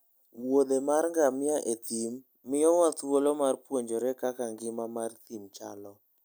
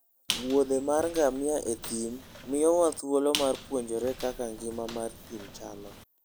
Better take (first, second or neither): first